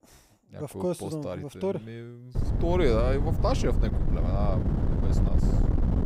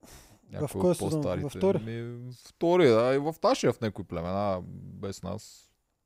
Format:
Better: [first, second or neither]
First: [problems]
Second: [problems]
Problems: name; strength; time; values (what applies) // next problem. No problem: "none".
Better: second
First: wind noise on the microphone; heavy; from 2.5 s on; 6 dB below the speech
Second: none